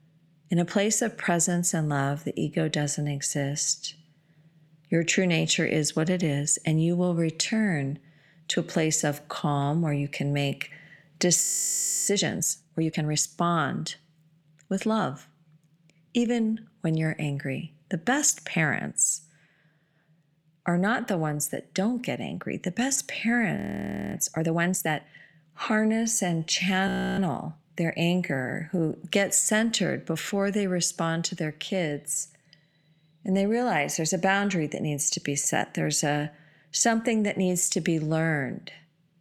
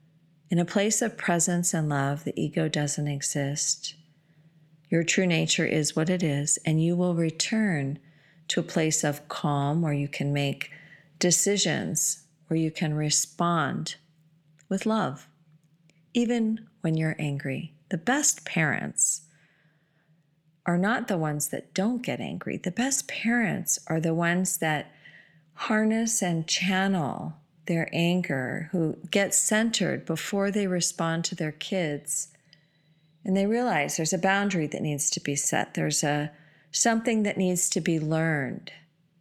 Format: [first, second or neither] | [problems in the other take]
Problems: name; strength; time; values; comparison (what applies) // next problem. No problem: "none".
second | audio freezing; at 11 s for 0.5 s, at 24 s for 0.5 s and at 27 s